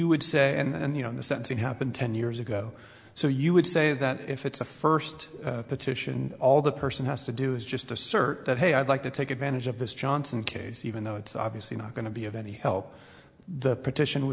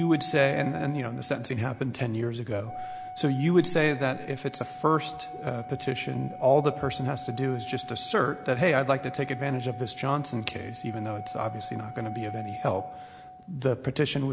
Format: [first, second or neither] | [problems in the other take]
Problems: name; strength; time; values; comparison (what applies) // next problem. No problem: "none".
first | background sound (Organ); 12 dB below the speech